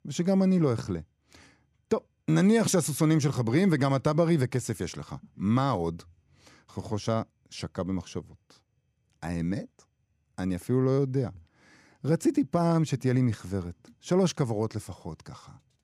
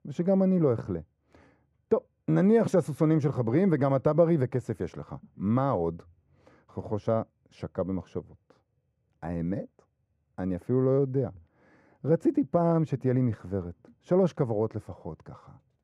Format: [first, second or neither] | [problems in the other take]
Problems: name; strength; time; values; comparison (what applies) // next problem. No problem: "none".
first | muffled; very; fading above 2.5 kHz